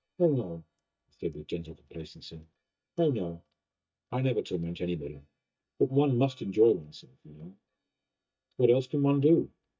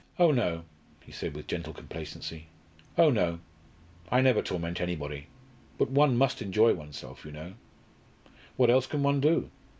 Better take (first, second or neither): second